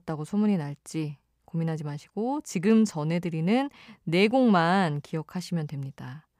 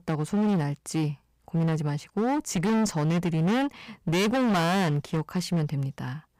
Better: first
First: none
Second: distortion; heavy; 26% of the sound clipped

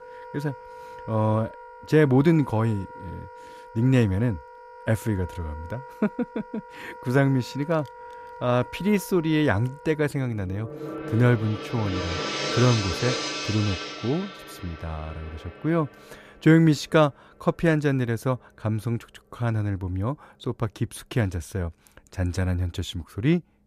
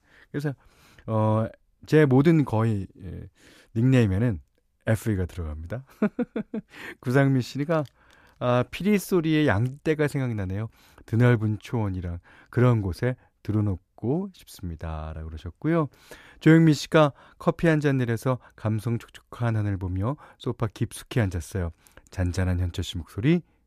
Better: second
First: background music; noticeable; throughout; 10 dB below the speech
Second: none

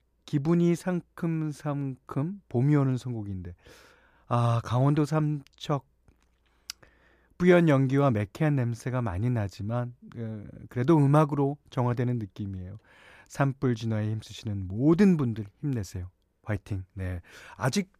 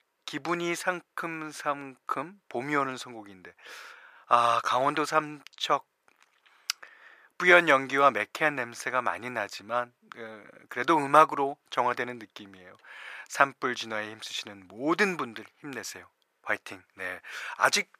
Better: first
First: none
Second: thin; very; fading below 650 Hz

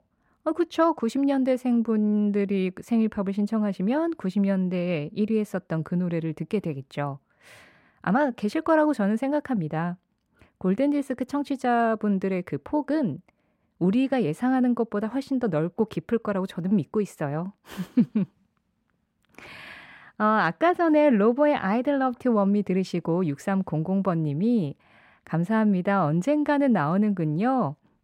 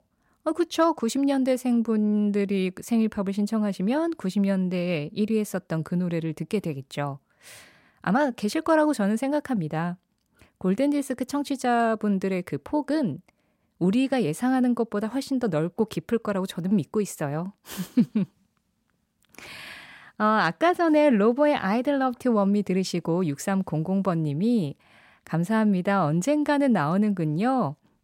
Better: second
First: muffled; slightly; fading above 3.5 kHz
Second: none

